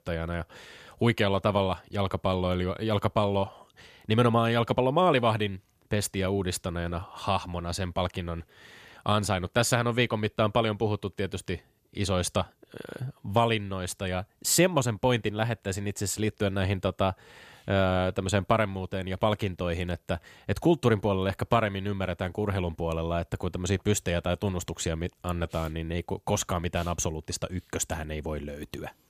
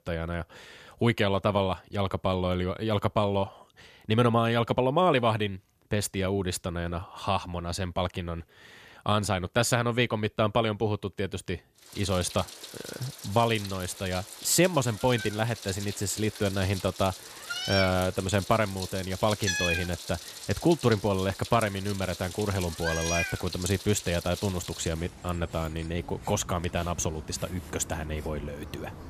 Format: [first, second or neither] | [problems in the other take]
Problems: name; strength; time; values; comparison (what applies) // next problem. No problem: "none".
first | animal sounds; loud; from 12 s on; 8 dB below the speech